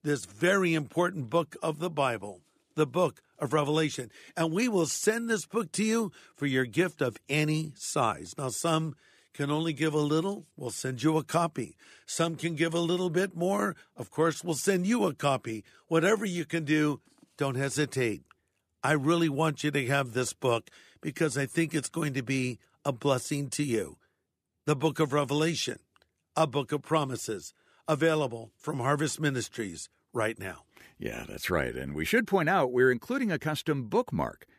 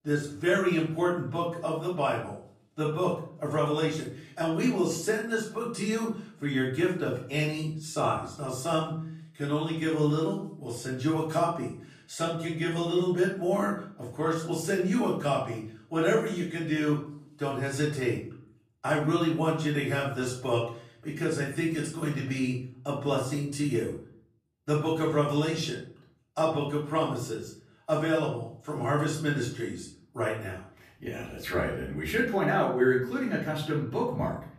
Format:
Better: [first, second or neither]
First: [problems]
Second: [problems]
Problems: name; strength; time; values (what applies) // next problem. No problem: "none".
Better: first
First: none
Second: off-mic speech; far // room echo; noticeable; dies away in 0.5 s